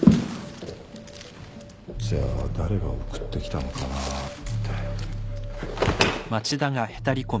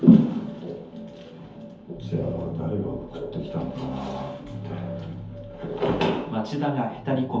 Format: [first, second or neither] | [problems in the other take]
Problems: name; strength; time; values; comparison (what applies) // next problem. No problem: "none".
first | room echo; dies away in 0.5 s